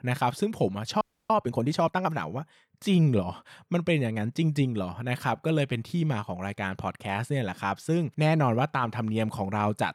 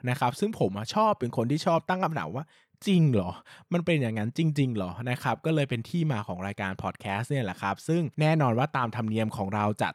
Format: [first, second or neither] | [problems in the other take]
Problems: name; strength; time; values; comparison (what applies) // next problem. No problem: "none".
second | audio freezing; at 1 s